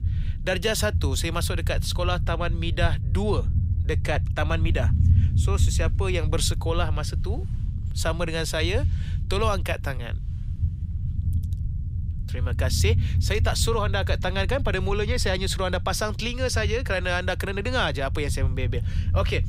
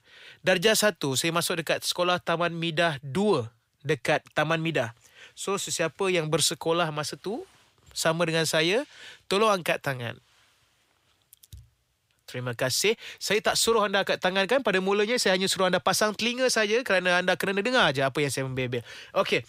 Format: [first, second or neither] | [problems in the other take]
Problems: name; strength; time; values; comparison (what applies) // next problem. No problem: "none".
second | low rumble; noticeable; throughout; 15 dB below the speech